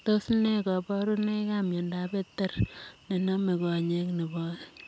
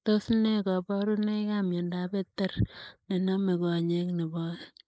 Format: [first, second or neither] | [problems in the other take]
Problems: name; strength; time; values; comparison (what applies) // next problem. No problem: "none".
first | noise reduction (neural mask model Resemble Enhance denoiser)